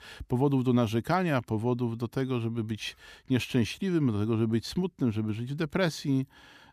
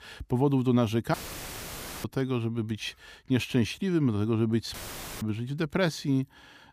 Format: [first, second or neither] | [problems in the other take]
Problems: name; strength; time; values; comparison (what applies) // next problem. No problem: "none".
first | audio cutting out; filled with static; at 1 s for 1 s and at 4.5 s